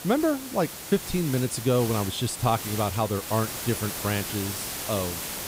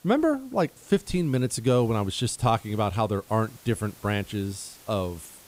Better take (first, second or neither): second